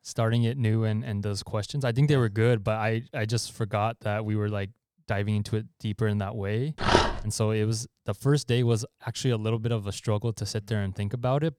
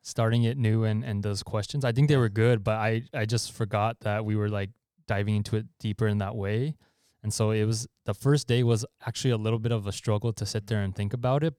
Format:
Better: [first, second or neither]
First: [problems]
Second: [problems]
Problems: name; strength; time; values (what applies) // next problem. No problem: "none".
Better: second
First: dog barking; loud; at 7 s; peak 5 dB above the speech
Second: none